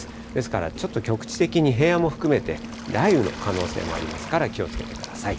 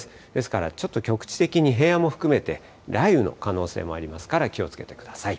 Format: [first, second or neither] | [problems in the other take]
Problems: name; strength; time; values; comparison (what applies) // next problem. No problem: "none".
second | background sound (Waves, surf); 10 dB below the speech